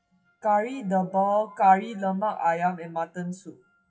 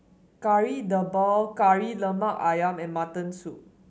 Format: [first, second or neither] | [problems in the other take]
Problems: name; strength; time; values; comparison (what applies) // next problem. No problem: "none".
second | noise reduction (classical method WPE with log-MMSE)